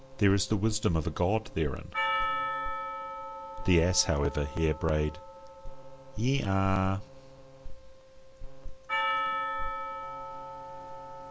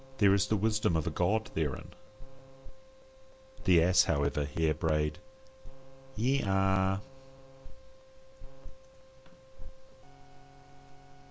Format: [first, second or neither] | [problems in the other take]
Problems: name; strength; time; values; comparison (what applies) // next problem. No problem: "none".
second | background sound (Percussion); 6 dB below the speech